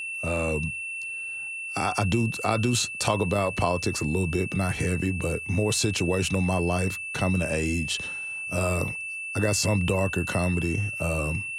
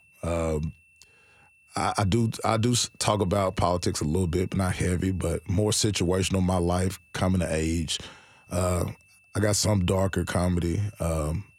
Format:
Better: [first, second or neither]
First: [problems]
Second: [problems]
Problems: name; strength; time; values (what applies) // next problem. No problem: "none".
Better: second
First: high-pitched whine; loud; throughout; 2.5 kHz, 5 dB below the speech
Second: high-pitched whine; faint; throughout; 2.5 kHz, 30 dB below the speech